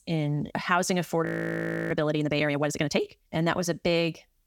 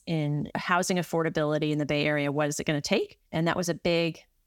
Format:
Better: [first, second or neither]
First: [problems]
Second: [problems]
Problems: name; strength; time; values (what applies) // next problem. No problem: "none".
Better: second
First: audio freezing; at 1.5 s for 0.5 s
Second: none